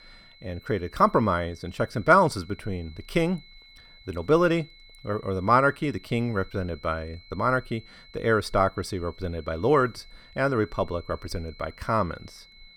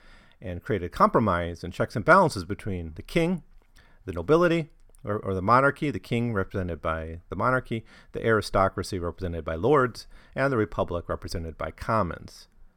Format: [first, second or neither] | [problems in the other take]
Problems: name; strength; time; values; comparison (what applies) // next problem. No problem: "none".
second | high-pitched whine; faint; throughout; 4 kHz, 25 dB below the speech